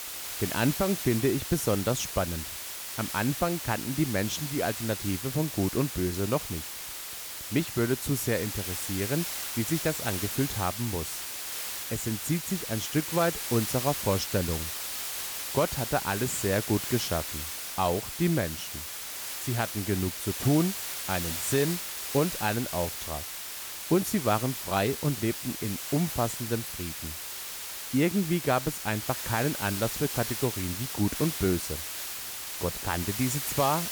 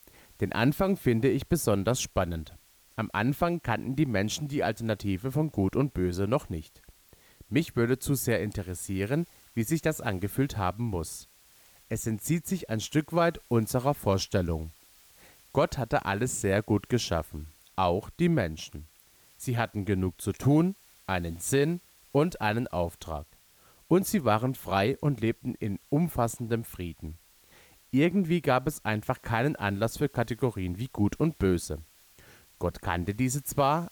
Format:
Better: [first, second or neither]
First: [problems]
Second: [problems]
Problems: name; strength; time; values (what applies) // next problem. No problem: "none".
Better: second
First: hiss; loud; throughout; 4 dB below the speech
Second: hiss; faint; throughout; 30 dB below the speech